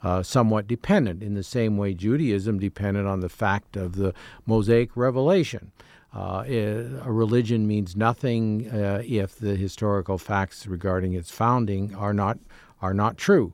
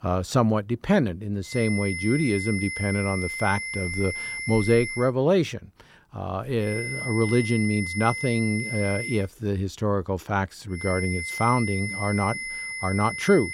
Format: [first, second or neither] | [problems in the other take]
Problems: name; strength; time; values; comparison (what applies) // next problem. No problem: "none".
first | high-pitched whine; loud; from 1.5 to 5 s, from 6.5 to 9 s and from 11 s on; 2 kHz, 5 dB below the speech